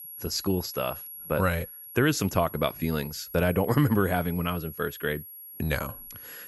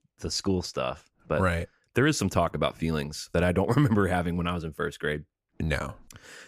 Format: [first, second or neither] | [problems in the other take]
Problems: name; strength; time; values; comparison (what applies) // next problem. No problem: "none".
second | high-pitched whine; noticeable; throughout; 11.5 kHz, 15 dB below the speech